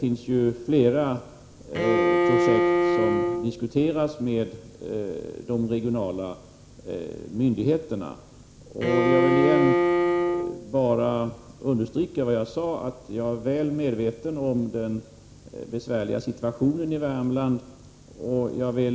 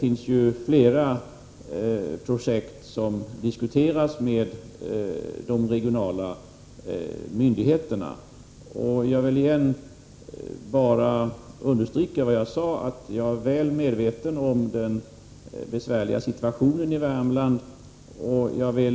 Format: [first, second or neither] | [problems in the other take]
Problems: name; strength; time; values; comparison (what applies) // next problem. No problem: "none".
second | background sound (Bowed string instrument); 3 dB above the speech